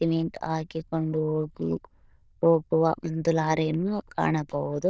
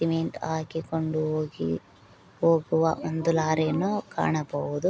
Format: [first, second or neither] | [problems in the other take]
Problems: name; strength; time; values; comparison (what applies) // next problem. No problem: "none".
second | noise reduction (neural diffusion model UNIVERSE++)